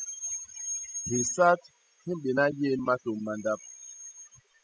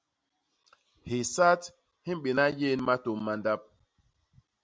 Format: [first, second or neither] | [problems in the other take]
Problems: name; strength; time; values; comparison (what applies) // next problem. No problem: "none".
second | noise reduction (classical method spectral subtraction)